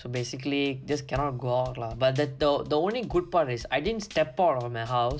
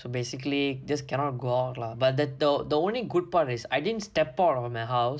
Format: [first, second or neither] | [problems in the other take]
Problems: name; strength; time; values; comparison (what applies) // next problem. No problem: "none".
second | background sound (Drum kit); 19 dB below the speech